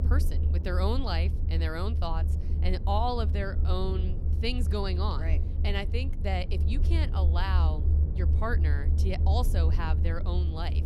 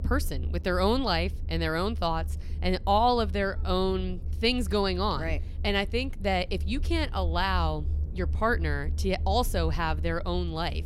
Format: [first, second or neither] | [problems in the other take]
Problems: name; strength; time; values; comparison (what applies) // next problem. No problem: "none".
second | low rumble; loud; throughout; 9 dB below the speech; faint in the second